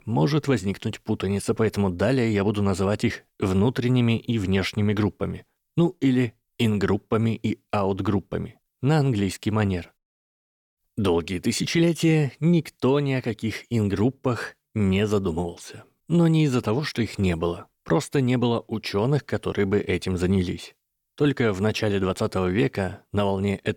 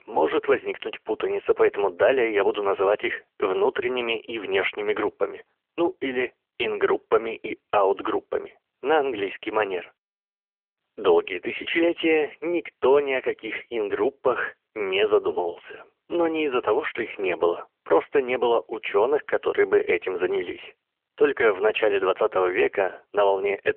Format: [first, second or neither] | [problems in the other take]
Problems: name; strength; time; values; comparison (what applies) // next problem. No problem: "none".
first | phone-call audio; nothing above 3 kHz